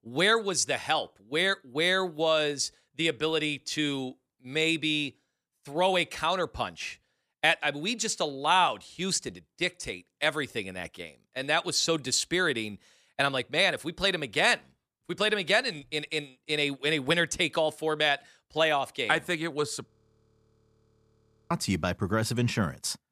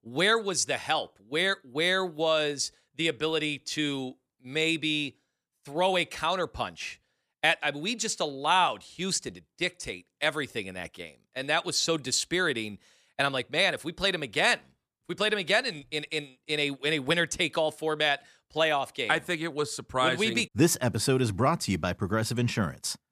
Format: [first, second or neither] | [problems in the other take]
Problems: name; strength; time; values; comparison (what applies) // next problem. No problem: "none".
second | audio freezing; at 20 s for 1.5 s